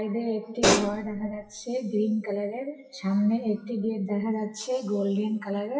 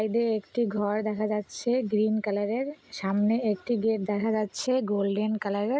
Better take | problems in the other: second | noise reduction (classical method WPE with log-MMSE)

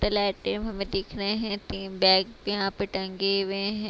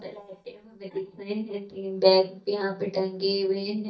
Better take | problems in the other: first | noise reduction (neural mask model DeepFilterNet 3)

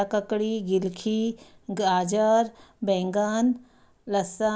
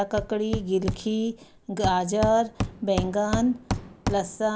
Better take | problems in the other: first | background sound (Hammer); 7 dB below the speech

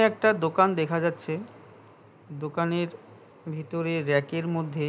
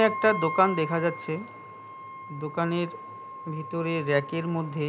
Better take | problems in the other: first | background sound (Wind instrument, woodwind instrument); 10 dB below the speech

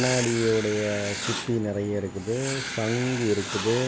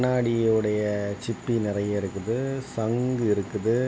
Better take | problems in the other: second | background sound (Writing); 7 dB below the speech

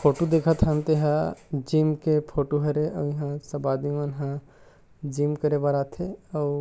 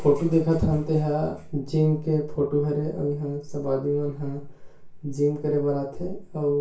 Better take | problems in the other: first | room echo; dies away in 0.3 s

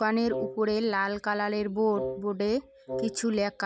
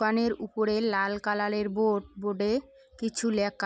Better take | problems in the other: second | background sound (Wind instrument, woodwind instrument); 8 dB below the speech

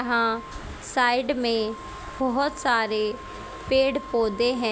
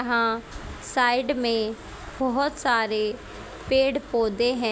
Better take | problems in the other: second | background sound (Wind instrument, woodwind instrument); 17 dB below the speech

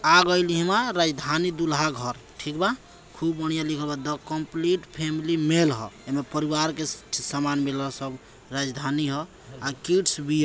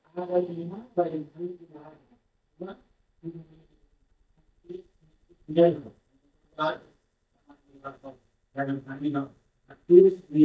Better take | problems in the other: first | noise reduction (neural mask model DeepFilterNet 3)

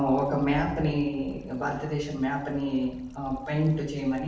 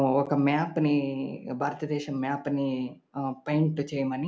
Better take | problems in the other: second | background sound (Stream / Trickle, dribble / Traffic noise, roadway noise); 17 dB below the speech // room echo; dies away in 0.7 s

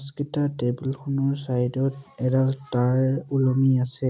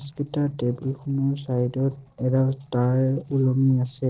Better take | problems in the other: first | noise reduction (neural separator model SepFormer DNS4)

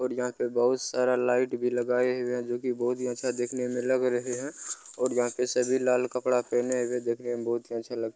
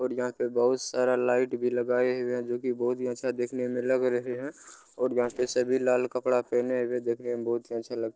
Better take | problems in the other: first | noise reduction (neural separator model SepFormer DNS4)

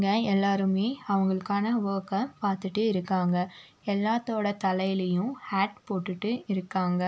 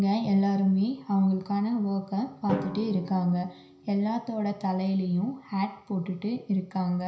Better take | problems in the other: first | background sound (Drum); 16 dB below the speech // room echo; dies away in 0.5 s

